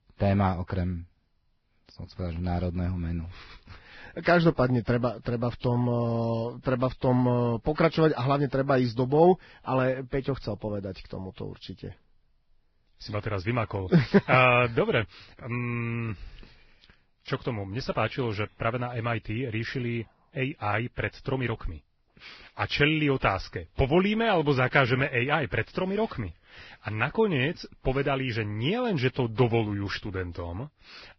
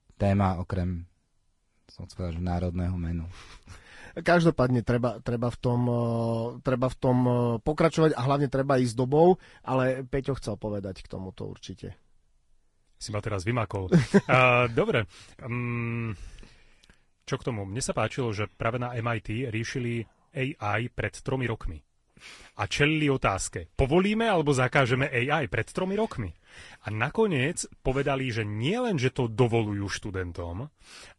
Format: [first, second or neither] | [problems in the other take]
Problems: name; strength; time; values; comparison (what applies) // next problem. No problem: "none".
second | garbled, watery; badly; nothing above 5.5 kHz; slightly in the second